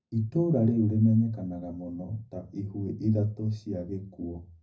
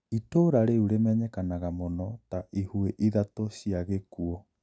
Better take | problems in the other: second | room echo; dies away in 0.4 s

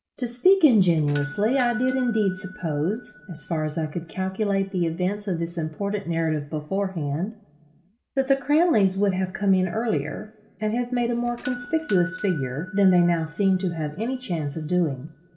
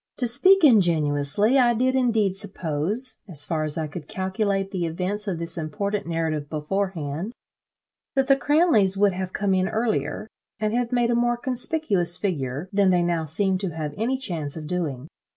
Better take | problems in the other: second | background sound (Doorbell); 20 dB below the speech // room echo; dies away in 1.9 s

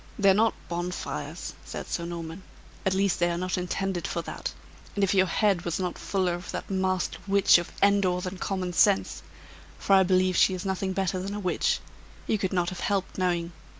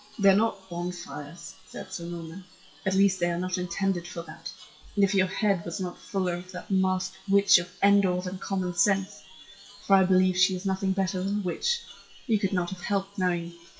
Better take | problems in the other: first | noise reduction (classical method WPE with log-MMSE)

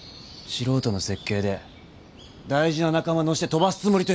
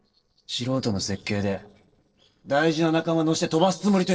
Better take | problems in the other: first | noise reduction (neural separator model SepFormer DNS4)

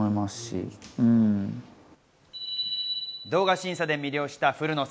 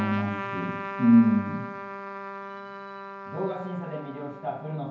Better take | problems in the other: first | background sound (Trumpet); 10 dB below the speech // room echo; dies away in 0.9 s

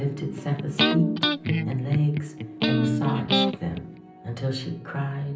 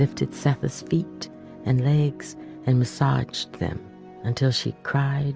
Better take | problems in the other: second | background sound (Electric guitar); 2 dB above the speech // room echo; dies away in 0.6 s

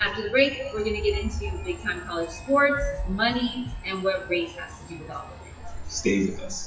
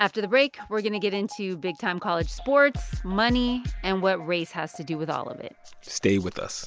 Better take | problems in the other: second | noise reduction (classical method WPE with log-MMSE)

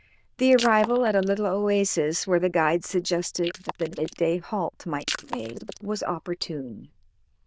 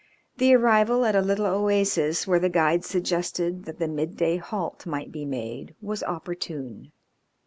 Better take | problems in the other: second | noise reduction (neural diffusion model UNIVERSE++)

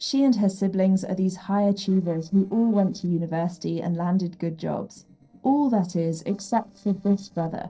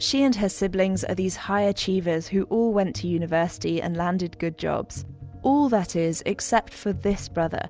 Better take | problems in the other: second | noise reduction (neural separator model SepFormer DNS4)

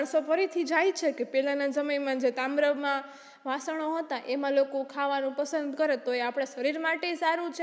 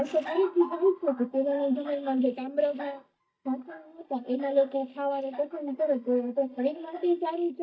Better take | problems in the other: first | noise reduction (neural mask model DeepFilterNet 3)

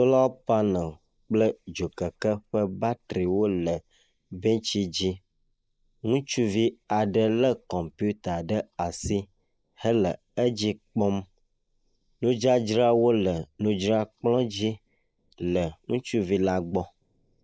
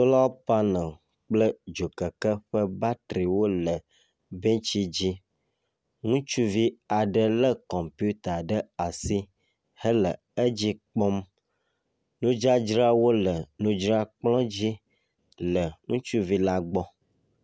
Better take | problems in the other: second | noise reduction (neural mask model Resemble Enhance denoiser)

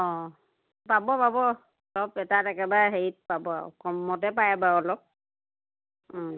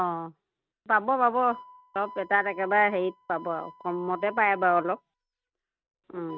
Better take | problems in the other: first | noise reduction (neural mask model RNNoise)

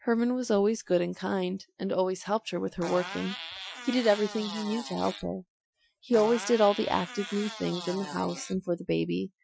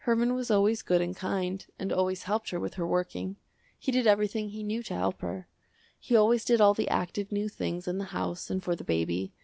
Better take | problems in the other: second | noise reduction (classical method Wiener filter)

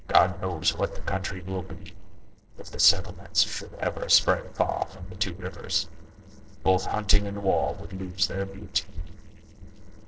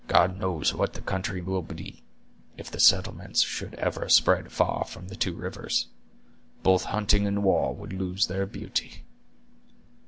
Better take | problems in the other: second | noise reduction (neural separator model SepFormer DNS4)

